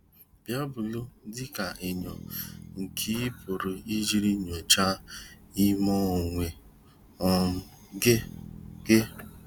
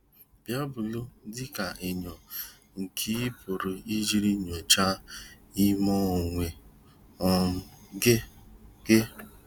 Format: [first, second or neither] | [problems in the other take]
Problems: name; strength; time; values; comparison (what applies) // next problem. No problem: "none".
second | background sound (Bass guitar); 20 dB below the speech